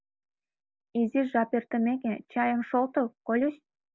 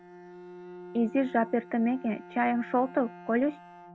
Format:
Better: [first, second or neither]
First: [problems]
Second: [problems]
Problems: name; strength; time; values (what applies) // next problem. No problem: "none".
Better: first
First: none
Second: background sound (Bowed string instrument); 17 dB below the speech